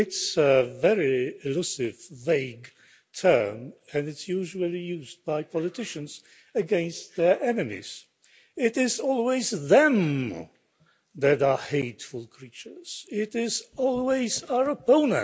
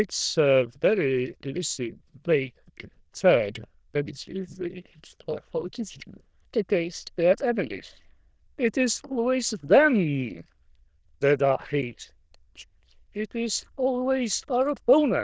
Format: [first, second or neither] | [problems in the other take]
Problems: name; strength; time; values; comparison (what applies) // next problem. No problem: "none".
first | noise reduction (neural diffusion model UNIVERSE++)